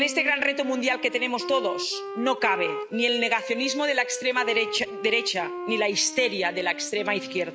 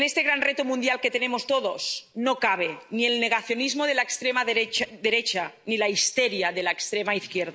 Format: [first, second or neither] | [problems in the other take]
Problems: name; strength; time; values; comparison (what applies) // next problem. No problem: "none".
second | background sound (Wind instrument, woodwind instrument); 9 dB below the speech